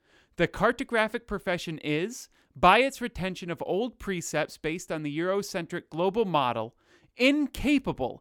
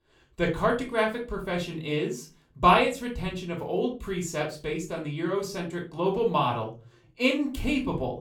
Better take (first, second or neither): first